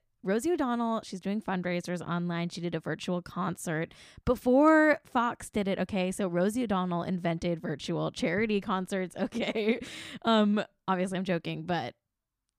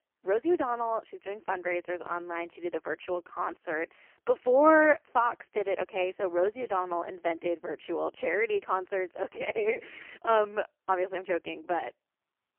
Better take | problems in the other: first | phone-call audio; poor line; nothing above 3 kHz

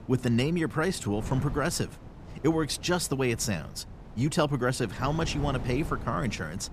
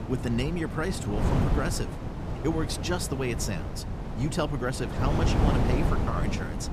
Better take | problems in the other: first | wind noise on the microphone; heavy; 3 dB below the speech; occasional gusts in the first

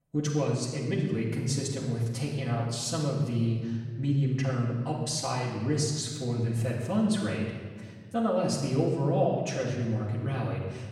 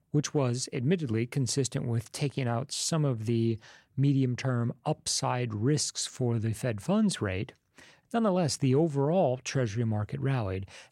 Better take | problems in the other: second | off-mic speech; far // room echo; noticeable; dies away in 1.3 s

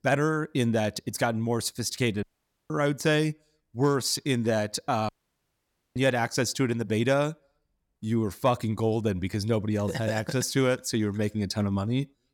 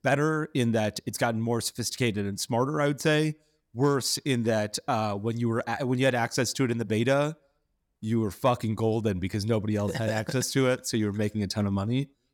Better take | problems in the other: second | audio cutting out; at 2 s and at 5 s for 1 s

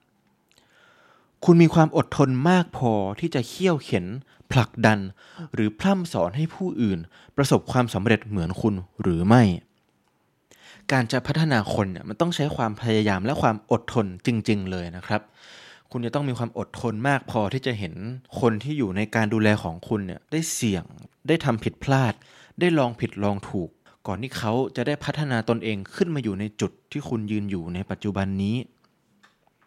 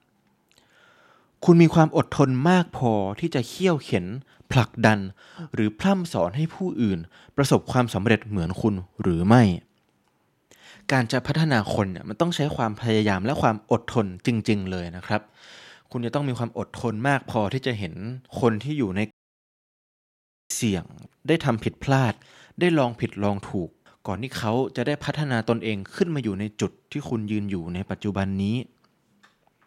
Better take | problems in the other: first | audio cutting out; at 19 s for 1.5 s

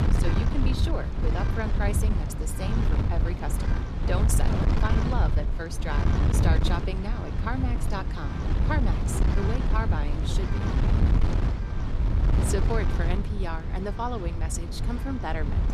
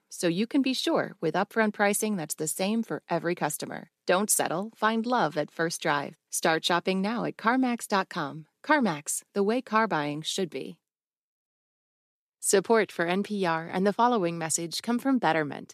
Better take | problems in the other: second | wind noise on the microphone; heavy; 2 dB below the speech

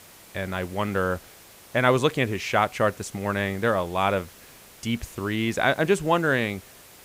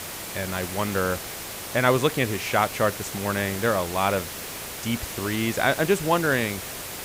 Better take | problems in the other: first | hiss; loud; throughout; 8 dB below the speech; faint in the first

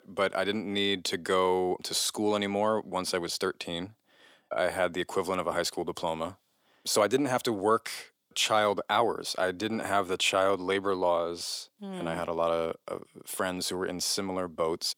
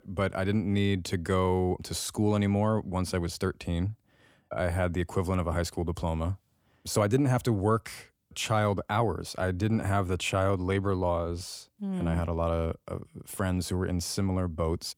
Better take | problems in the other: second | thin; somewhat; fading below 350 Hz

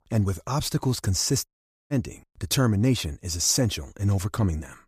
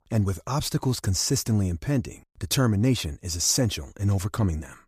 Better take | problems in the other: second | audio cutting out; at 1.5 s

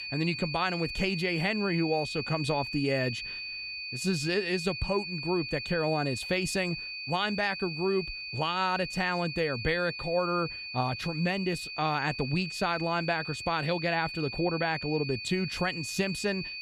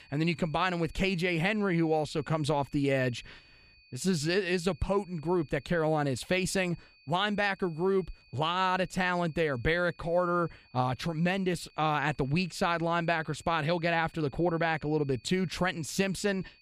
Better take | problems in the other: second | high-pitched whine; loud; throughout; 2.5 kHz, 6 dB below the speech; faint in the second

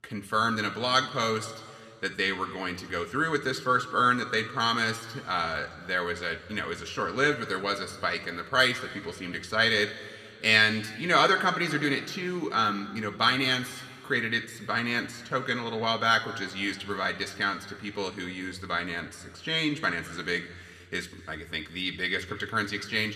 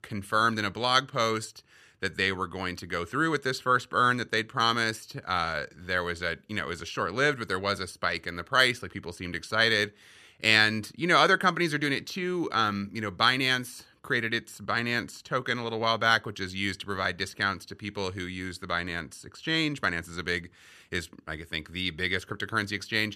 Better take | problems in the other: second | room echo; very slight; dies away in 1.7 s

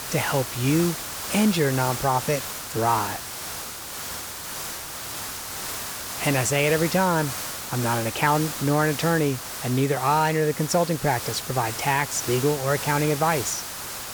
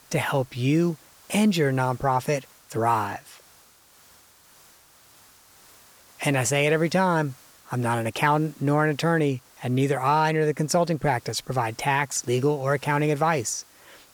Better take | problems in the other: second | hiss; loud; throughout; 7 dB below the speech; faint in the second

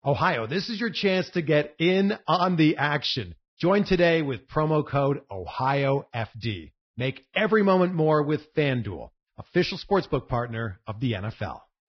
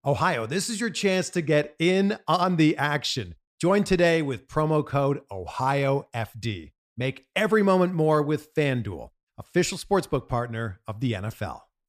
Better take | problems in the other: second | garbled, watery; badly; nothing above 5.5 kHz

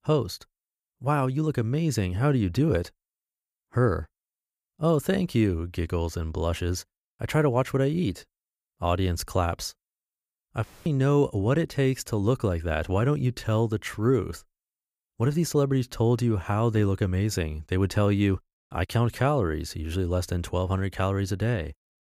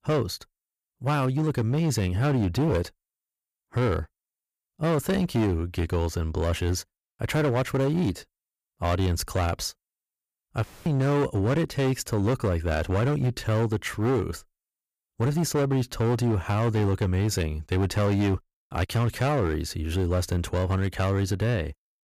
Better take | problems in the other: first | distortion; slight; 14% of the sound clipped

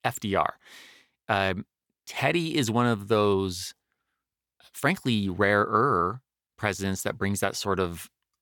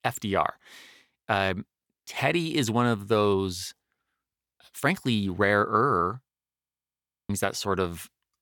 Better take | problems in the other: first | audio freezing; at 6.5 s for 1 s

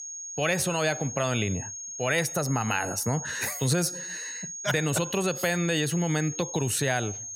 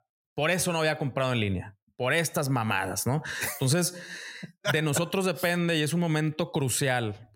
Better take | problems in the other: second | high-pitched whine; loud; throughout; 6.5 kHz, 8 dB below the speech

